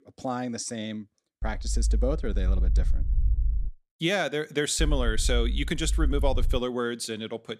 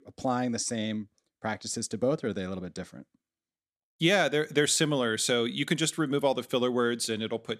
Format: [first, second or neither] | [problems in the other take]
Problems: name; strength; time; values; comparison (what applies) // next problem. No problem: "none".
second | low rumble; faint; from 1.5 to 3.5 s and from 5 to 6.5 s; 20 dB below the speech